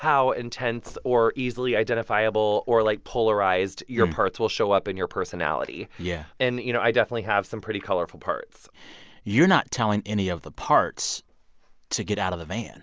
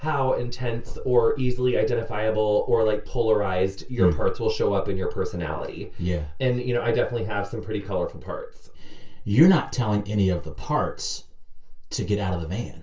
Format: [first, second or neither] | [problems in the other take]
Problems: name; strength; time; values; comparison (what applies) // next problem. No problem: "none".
first | room echo; dies away in 0.2 s